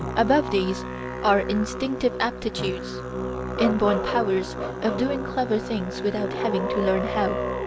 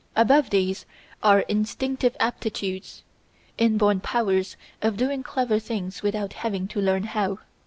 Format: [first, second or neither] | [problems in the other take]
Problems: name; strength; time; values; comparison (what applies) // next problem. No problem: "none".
second | background sound (Musical instrument); 4 dB below the speech